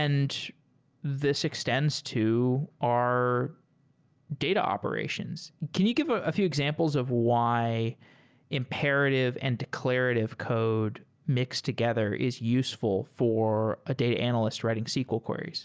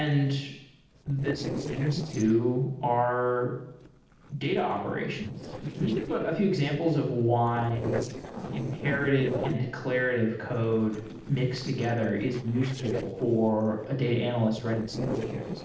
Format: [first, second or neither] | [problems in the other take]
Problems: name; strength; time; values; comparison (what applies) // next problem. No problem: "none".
first | noise reduction (neural separator model SepFormer DNS4)